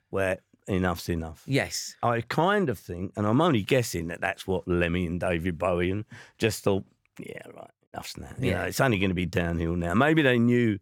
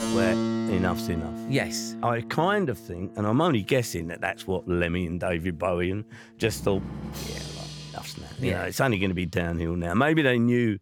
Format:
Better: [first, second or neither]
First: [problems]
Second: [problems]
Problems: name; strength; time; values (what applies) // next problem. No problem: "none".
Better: first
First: none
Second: background music; loud; throughout; 6 dB below the speech